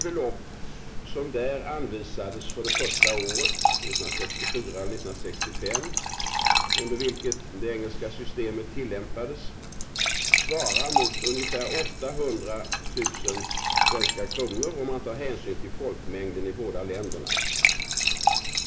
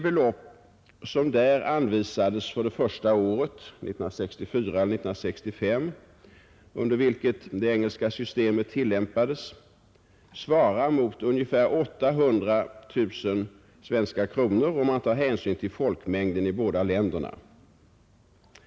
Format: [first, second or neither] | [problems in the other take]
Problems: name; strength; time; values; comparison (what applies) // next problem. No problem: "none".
second | background sound (Fill (with liquid) / Trickle, dribble / Glass); 5 dB above the speech // room echo; dies away in 0.5 s